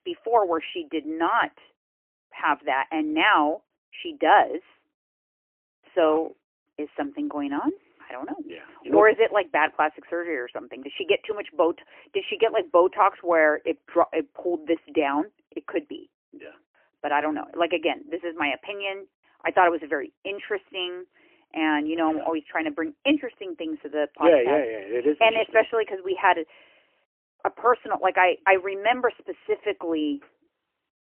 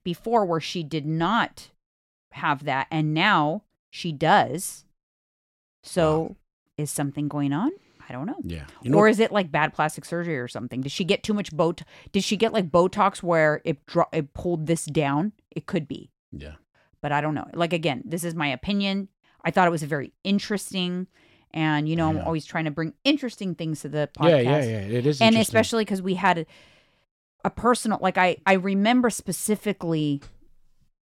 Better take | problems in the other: second | phone-call audio; poor line; nothing above 3 kHz

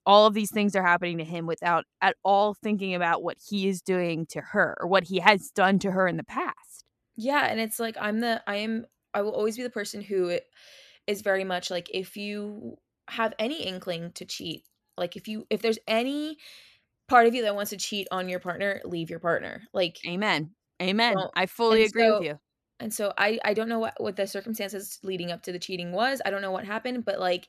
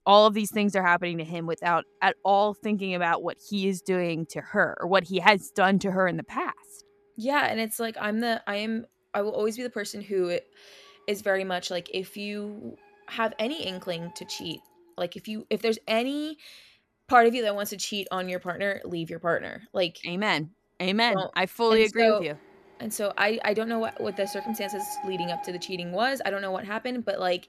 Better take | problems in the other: first | household noises; noticeable; throughout; 15 dB below the speech

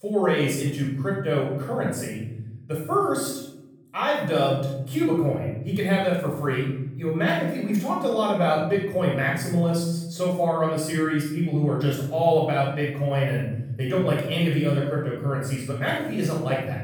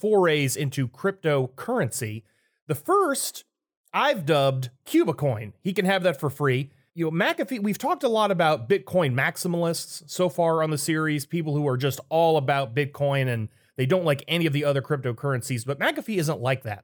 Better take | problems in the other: second | off-mic speech; far // room echo; noticeable; dies away in 1.1 s

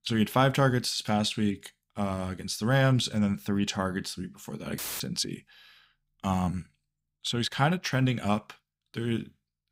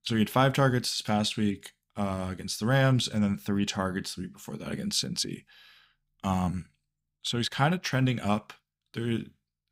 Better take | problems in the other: second | audio cutting out; filled with static; at 5 s

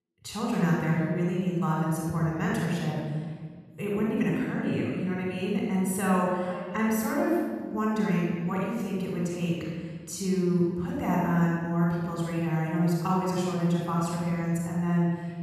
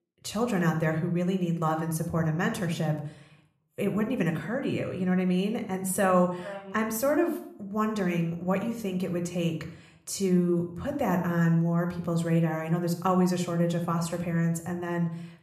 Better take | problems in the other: second | room echo; strong; dies away in 1.7 s; slight in the second // off-mic speech; far

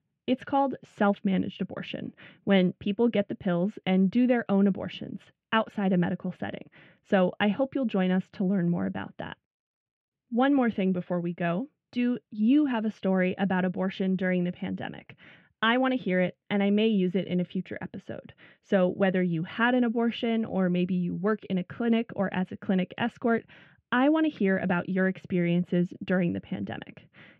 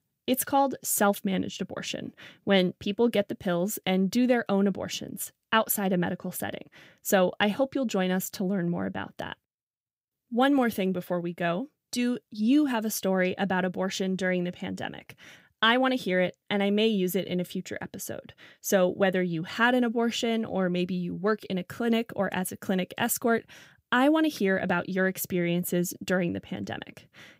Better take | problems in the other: second | muffled; very; fading above 3 kHz

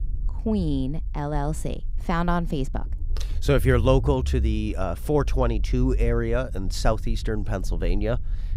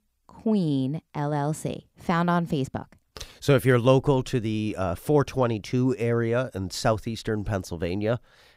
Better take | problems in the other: second | low rumble; faint; throughout; 20 dB below the speech

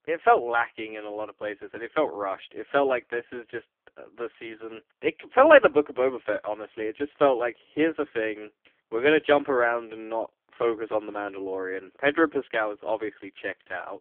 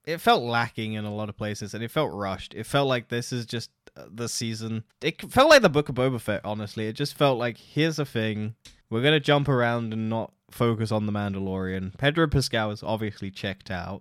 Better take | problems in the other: second | phone-call audio; poor line; nothing above 3.5 kHz

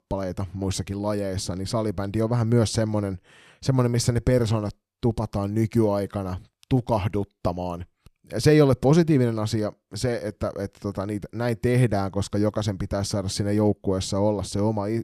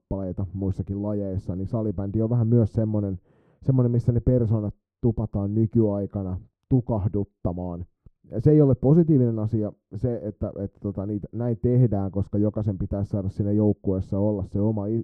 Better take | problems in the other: first | muffled; very; fading above 1 kHz

